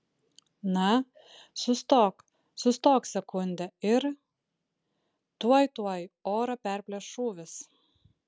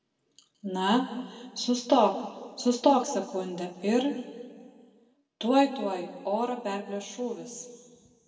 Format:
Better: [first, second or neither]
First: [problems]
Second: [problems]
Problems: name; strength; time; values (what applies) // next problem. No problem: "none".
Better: first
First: none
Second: room echo; dies away in 1.7 s